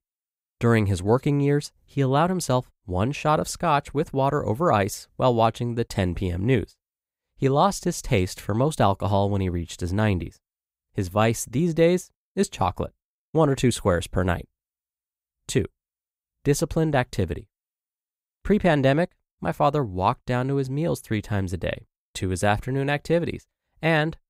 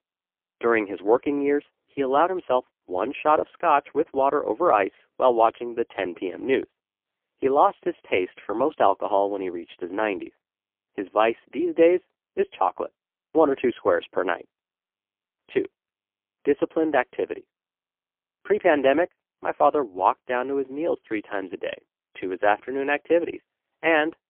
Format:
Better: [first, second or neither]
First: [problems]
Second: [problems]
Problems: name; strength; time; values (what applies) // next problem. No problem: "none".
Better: first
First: none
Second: phone-call audio; poor line; nothing above 3 kHz